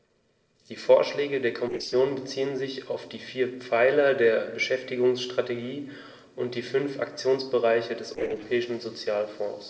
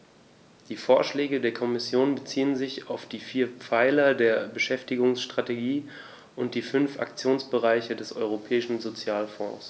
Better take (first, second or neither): second